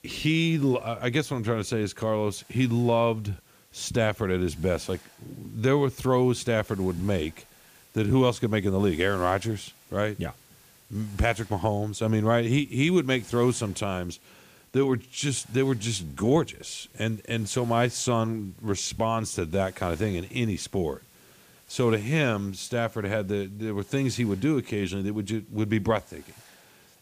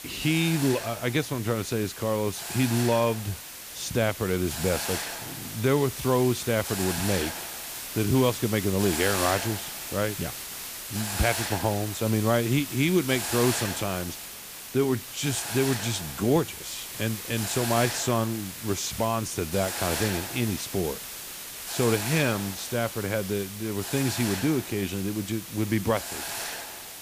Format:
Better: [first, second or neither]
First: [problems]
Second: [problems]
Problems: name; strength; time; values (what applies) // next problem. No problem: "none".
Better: first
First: hiss; faint; throughout; 25 dB below the speech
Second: hiss; loud; throughout; 6 dB below the speech